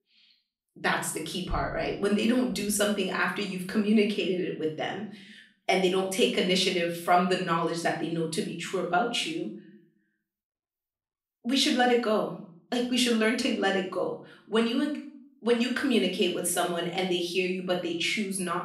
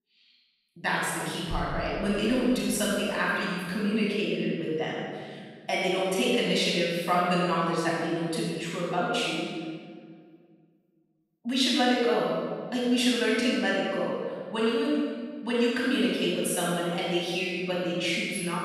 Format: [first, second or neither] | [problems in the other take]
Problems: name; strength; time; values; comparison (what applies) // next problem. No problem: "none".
first | room echo; strong; dies away in 1.6 s; slight in the first // off-mic speech; far; far in the first